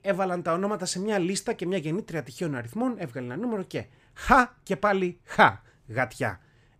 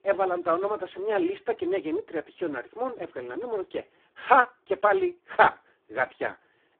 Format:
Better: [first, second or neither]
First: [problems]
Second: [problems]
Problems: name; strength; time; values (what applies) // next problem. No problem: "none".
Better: first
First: none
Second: phone-call audio; poor line